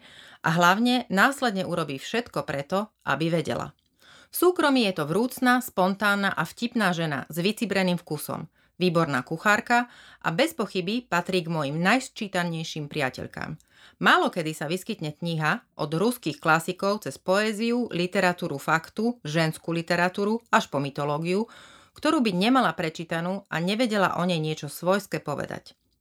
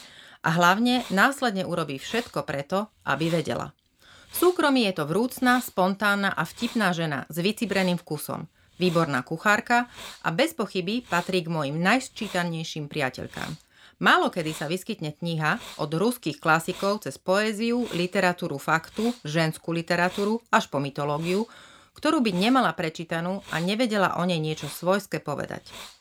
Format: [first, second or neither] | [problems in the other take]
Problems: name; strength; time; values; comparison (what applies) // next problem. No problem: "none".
first | hiss; noticeable; throughout; 20 dB below the speech